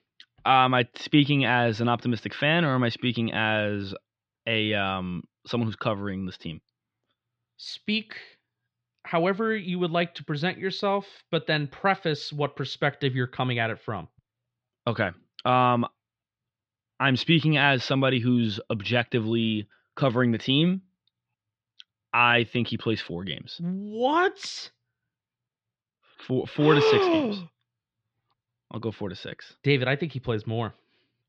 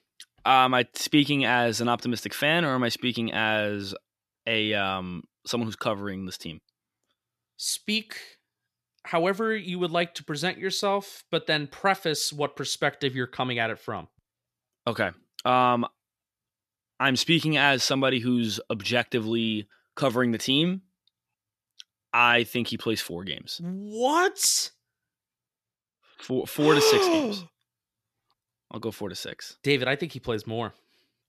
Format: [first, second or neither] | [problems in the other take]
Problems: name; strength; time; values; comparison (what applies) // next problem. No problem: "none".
second | muffled; slightly; fading above 4 kHz